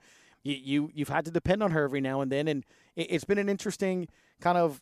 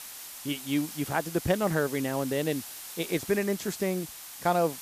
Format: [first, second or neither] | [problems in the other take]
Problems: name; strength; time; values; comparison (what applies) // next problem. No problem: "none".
first | hiss; loud; throughout; 10 dB below the speech